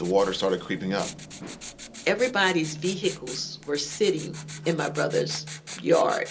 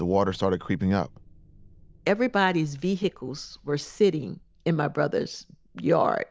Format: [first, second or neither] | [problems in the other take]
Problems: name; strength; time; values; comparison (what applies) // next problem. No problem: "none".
second | background sound (Writing); 15 dB below the speech // room echo; dies away in 0.2 s